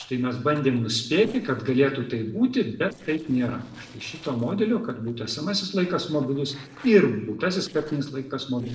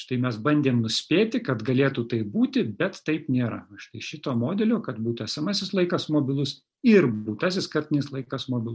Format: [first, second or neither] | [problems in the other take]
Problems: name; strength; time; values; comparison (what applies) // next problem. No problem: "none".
second | noise reduction (neural separator model SepFormer DNS4)